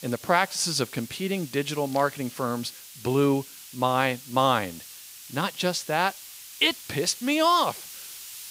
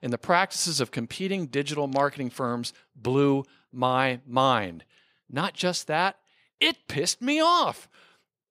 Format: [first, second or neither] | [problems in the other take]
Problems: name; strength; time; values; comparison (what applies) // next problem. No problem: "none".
second | hiss; noticeable; throughout; 15 dB below the speech